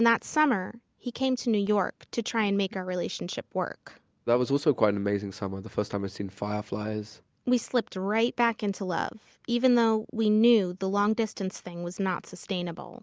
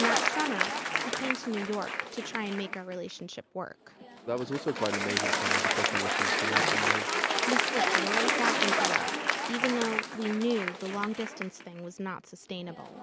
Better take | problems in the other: first | background sound (Applause); 4 dB above the speech

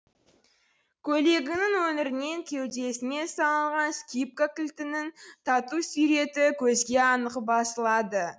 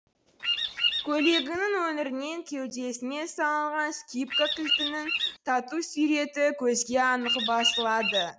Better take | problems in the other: first | background sound (Bird vocalization, bird call, bird song); as loud as the speech

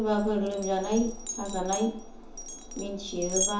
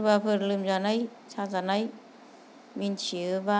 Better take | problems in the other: second | background sound (Glass); 6 dB below the speech // room echo; dies away in 0.7 s

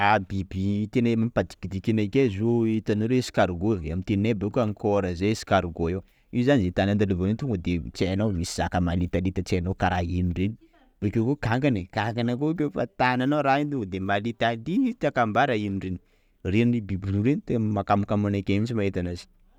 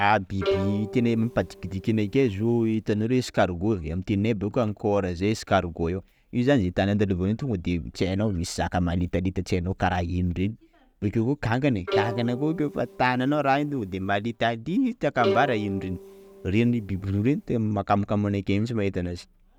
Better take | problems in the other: first | background sound (Bowed string instrument); 9 dB below the speech

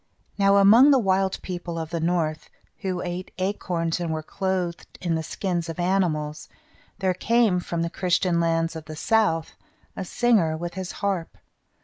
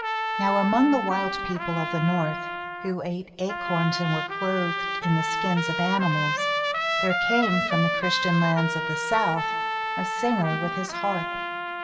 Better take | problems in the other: first | background sound (Trumpet); 2 dB below the speech // room echo; dies away in 1.9 s

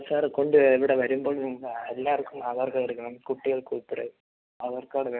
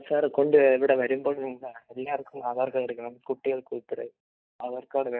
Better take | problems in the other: first | noise reduction (neural mask model DeepFilterNet 3)

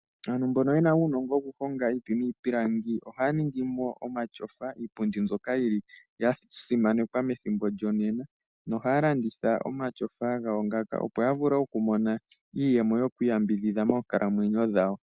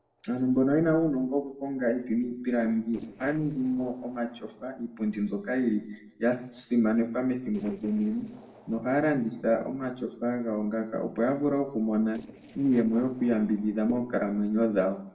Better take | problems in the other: first | noise reduction (neural separator model SepFormer DNS4)

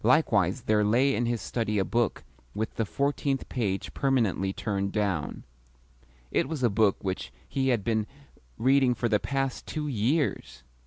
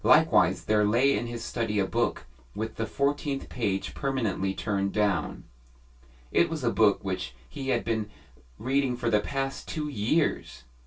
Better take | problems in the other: first | room echo; dies away in 0.2 s

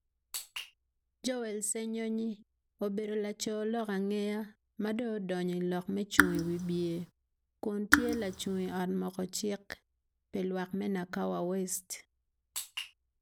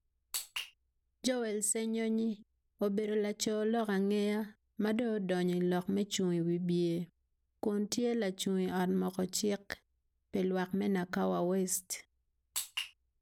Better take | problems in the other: second | background sound (Raindrop / Drip); 4 dB above the speech

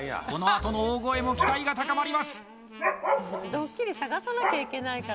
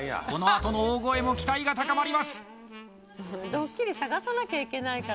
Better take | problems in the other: second | background sound (Dog); 4 dB below the speech

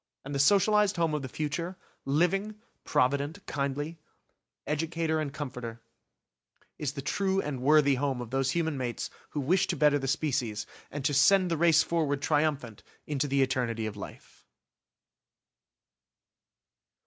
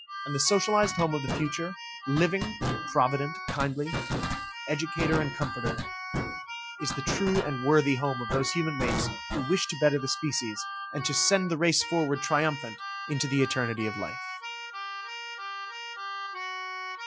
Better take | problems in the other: first | noise reduction (classical method Wiener filter)

